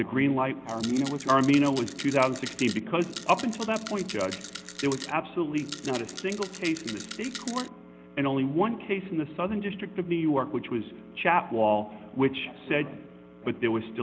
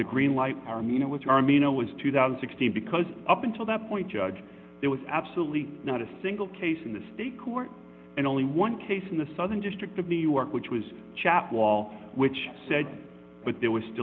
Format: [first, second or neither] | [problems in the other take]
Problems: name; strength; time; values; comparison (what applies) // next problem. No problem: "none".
second | background sound (Rattle); 13 dB below the speech